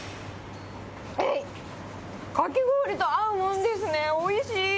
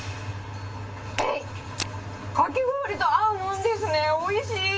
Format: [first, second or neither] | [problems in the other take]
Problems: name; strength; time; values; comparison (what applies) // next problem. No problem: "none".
first | background sound (Walk, footsteps); 12 dB below the speech // room echo; dies away in 0.2 s